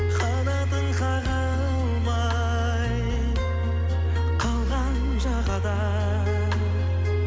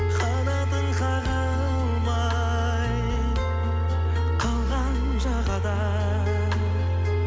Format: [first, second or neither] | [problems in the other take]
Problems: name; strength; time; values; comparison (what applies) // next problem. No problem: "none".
first | background sound (Wind instrument, woodwind instrument); 16 dB below the speech